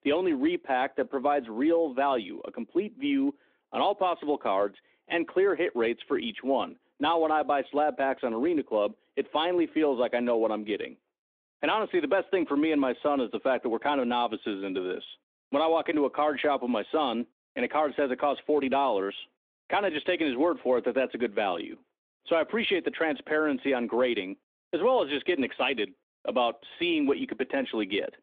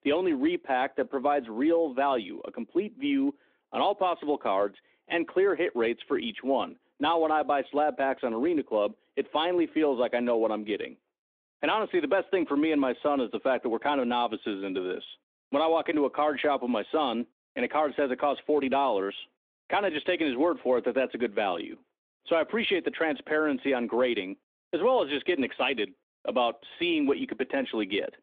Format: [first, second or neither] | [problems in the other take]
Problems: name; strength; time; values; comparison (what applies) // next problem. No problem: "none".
neither | phone-call audio; nothing above 3.5 kHz; the same in both